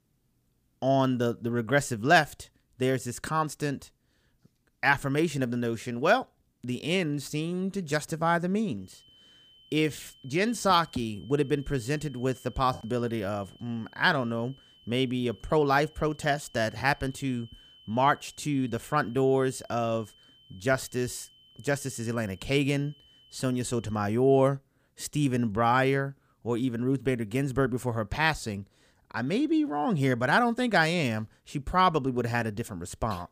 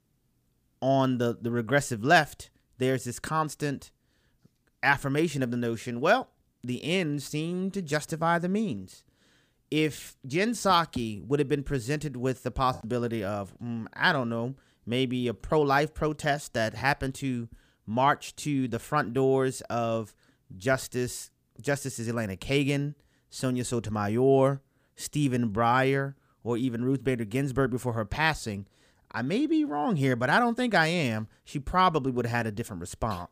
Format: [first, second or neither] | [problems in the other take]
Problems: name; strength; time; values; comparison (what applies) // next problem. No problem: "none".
second | high-pitched whine; faint; from 9 to 24 s; 3 kHz, 25 dB below the speech